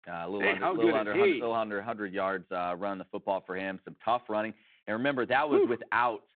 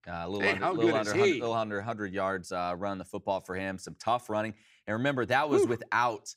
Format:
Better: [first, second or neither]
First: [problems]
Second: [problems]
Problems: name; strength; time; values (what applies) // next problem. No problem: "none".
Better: second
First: phone-call audio; nothing above 3.5 kHz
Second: none